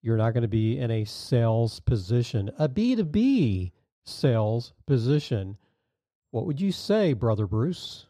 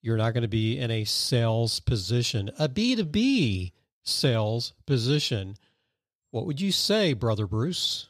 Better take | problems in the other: second | muffled; slightly; fading above 2 kHz

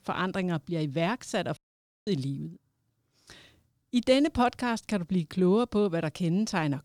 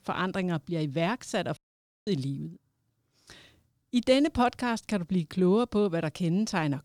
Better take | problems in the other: neither | audio cutting out; at 1.5 s; the same in both

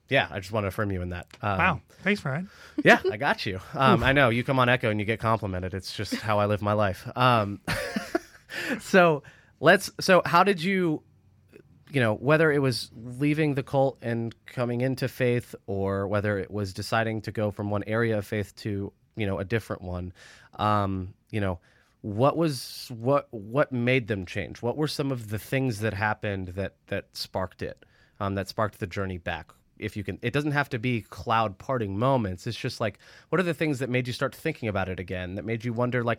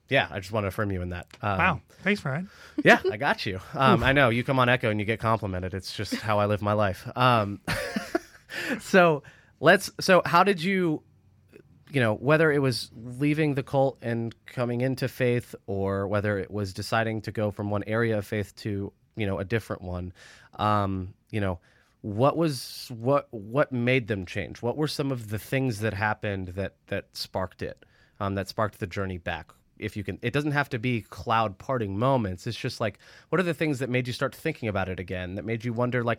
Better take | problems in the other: neither | none

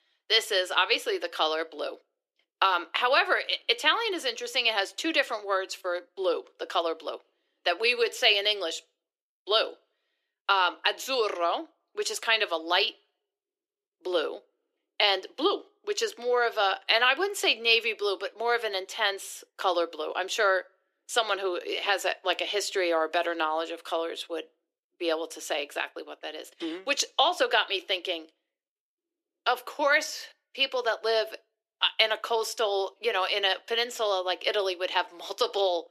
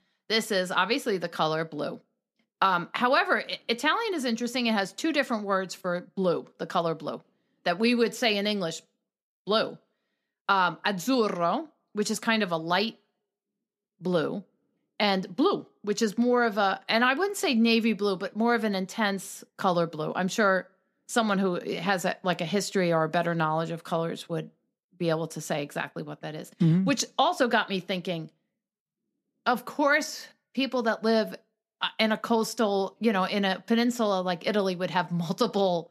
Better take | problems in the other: second | thin; very; fading below 350 Hz

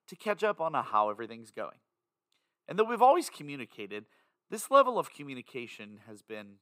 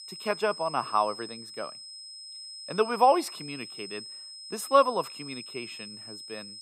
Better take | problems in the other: first | high-pitched whine; noticeable; throughout; 5 kHz, 15 dB below the speech

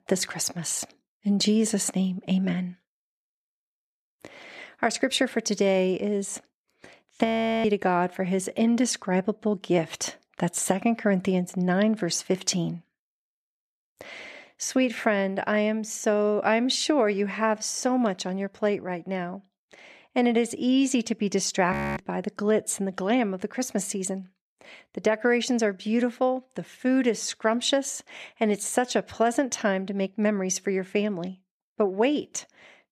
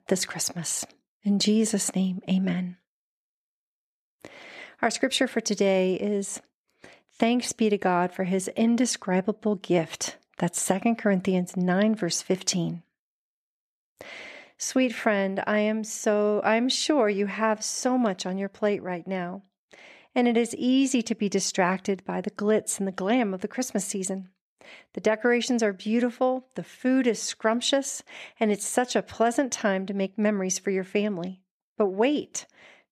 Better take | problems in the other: second | audio freezing; at 7.5 s and at 22 s

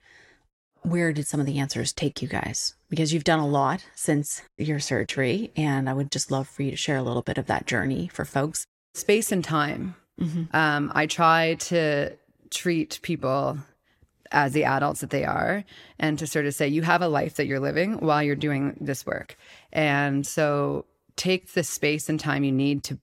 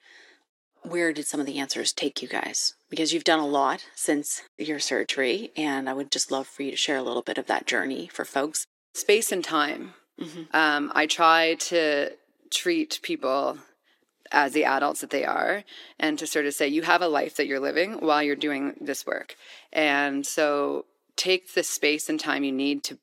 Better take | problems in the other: first | thin; very slightly; fading below 300 Hz

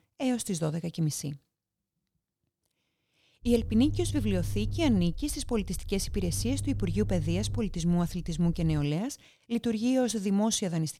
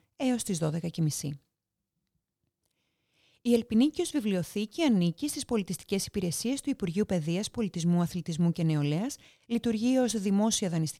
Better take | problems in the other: second | low rumble; noticeable; from 3.5 to 9 s; 20 dB below the speech

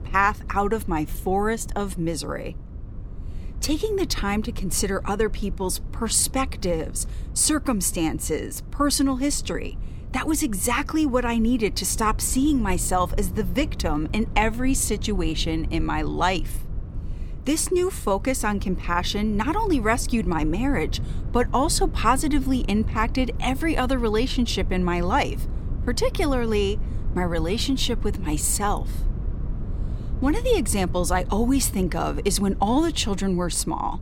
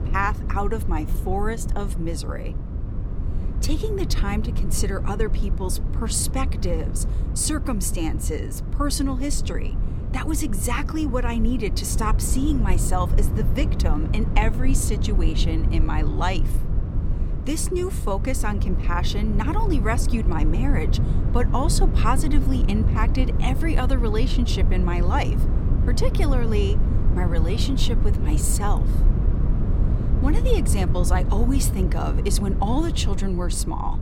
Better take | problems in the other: first | low rumble; loud; throughout; 9 dB below the speech; faint in the first

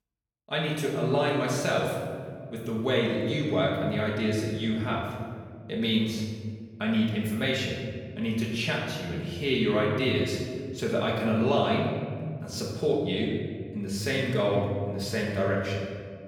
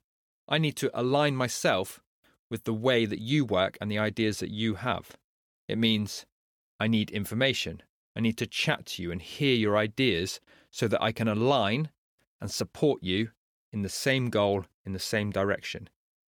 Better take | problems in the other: second | off-mic speech; far // room echo; noticeable; dies away in 2 s

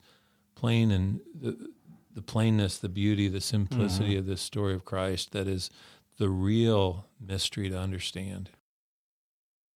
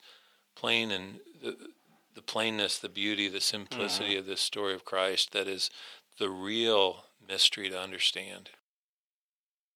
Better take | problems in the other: first | thin; very; fading below 500 Hz

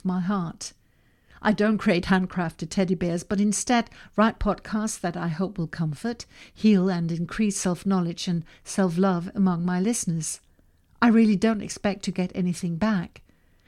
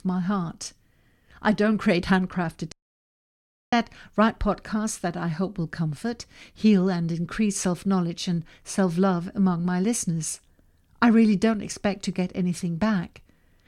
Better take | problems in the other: first | audio cutting out; at 2.5 s for 1 s

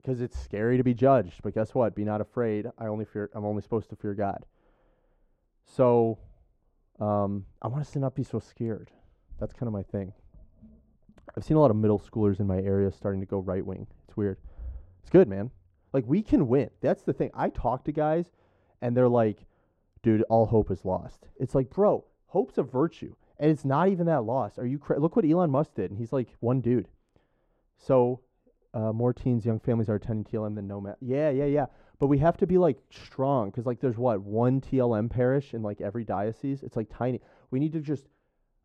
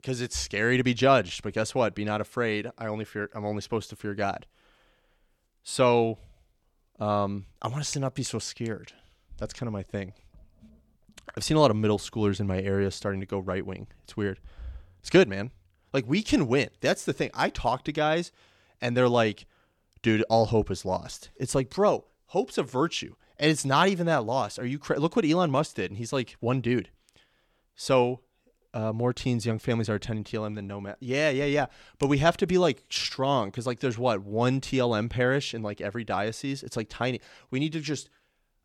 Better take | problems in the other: second | muffled; very; fading above 1.5 kHz

